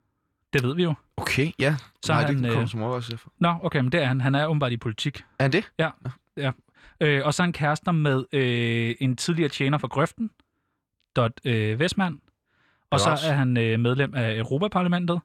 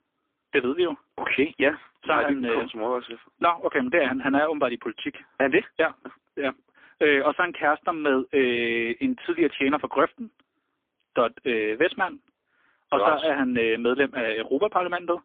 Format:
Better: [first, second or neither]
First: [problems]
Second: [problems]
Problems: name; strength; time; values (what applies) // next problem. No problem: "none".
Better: first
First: none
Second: phone-call audio; poor line; nothing above 3.5 kHz